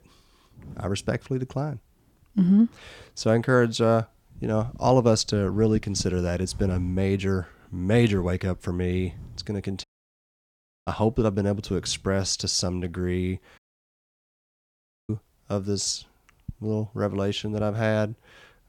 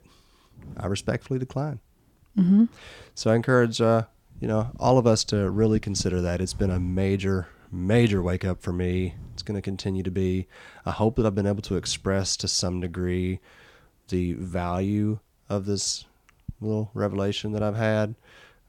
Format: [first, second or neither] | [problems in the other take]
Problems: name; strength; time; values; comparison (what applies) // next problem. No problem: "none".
second | audio cutting out; at 10 s for 1 s and at 14 s for 1.5 s